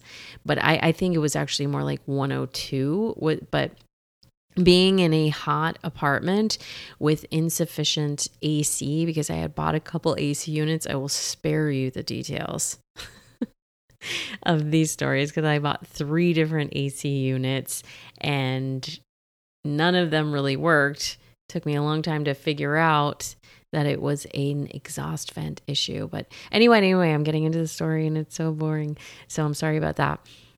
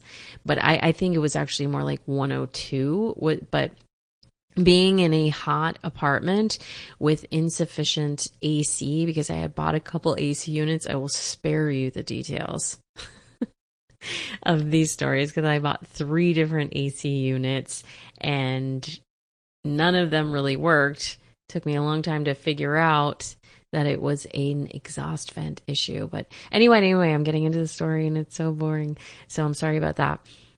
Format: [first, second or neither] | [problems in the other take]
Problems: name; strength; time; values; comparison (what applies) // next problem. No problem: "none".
first | garbled, watery; slightly